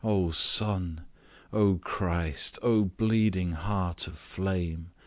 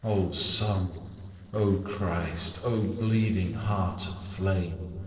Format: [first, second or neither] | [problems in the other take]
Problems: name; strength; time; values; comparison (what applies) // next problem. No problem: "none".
first | noise reduction (neural separator model SepFormer DNS4)